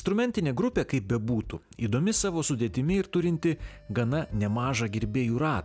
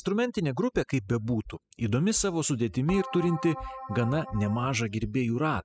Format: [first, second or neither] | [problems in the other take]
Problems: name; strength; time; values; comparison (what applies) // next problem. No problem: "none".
first | noise reduction (classical method spectral subtraction)